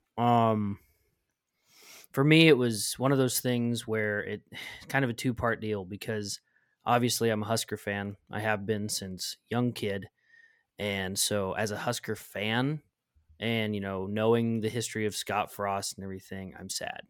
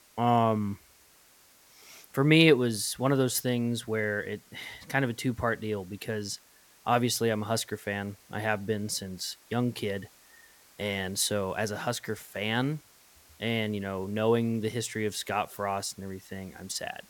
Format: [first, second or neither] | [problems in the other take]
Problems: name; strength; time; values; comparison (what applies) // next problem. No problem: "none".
first | hiss; faint; throughout; 25 dB below the speech